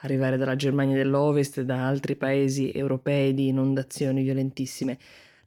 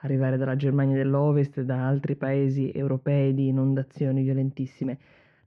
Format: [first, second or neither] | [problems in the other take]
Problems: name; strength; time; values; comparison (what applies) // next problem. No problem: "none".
first | muffled; very; fading above 2 kHz